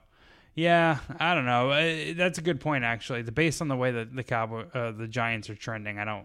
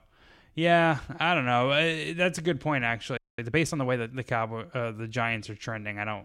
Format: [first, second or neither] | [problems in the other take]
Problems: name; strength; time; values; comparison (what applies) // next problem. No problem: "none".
first | audio freezing; at 3 s